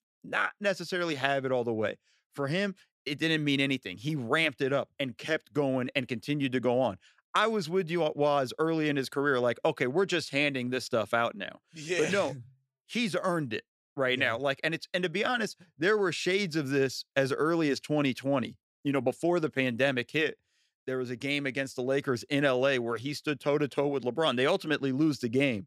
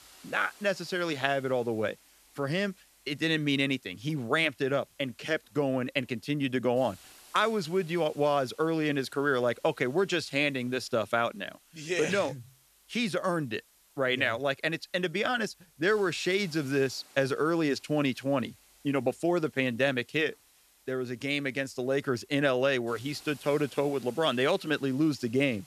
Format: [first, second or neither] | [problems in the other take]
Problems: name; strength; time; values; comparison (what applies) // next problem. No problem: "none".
first | hiss; faint; throughout; 25 dB below the speech